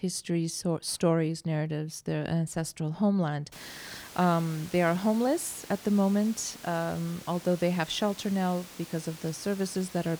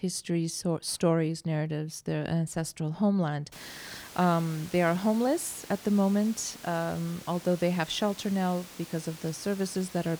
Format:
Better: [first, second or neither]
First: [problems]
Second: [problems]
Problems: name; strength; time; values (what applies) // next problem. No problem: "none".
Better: neither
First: hiss; noticeable; from 3.5 s on; 15 dB below the speech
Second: hiss; noticeable; from 3.5 s on; 15 dB below the speech